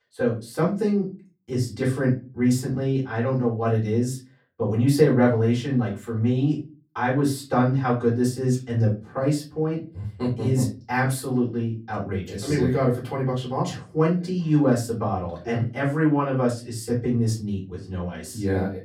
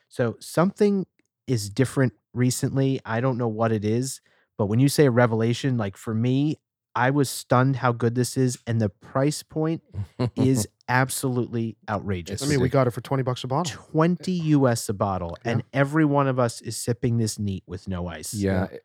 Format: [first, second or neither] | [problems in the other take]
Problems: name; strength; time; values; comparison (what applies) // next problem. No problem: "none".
second | off-mic speech; far // room echo; slight; dies away in 0.3 s